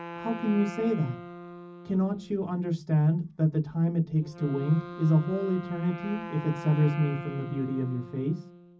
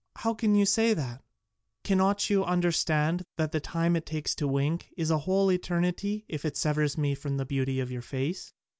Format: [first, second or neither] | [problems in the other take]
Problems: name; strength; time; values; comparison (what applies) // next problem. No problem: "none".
second | background sound (Wind instrument, woodwind instrument); 14 dB below the speech // room echo; dies away in 0.4 s